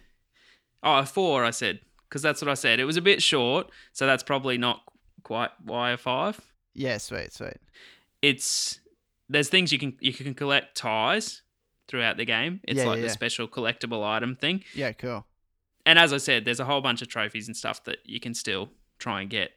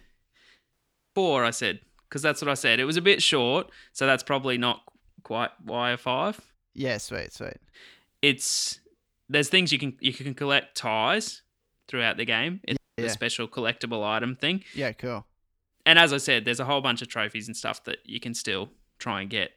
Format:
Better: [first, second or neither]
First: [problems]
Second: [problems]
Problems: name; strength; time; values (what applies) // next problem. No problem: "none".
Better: first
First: none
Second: audio cutting out; at 0.5 s and at 13 s